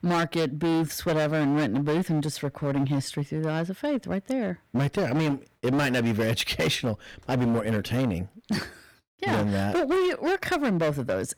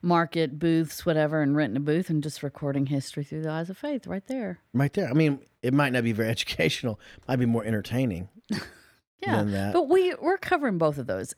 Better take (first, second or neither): second